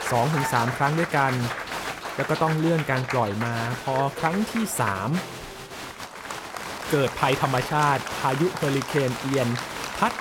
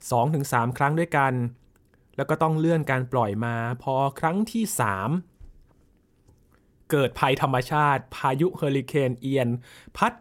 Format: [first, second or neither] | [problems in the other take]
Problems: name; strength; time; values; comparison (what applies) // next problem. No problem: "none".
second | crowd noise; loud; throughout; 6 dB below the speech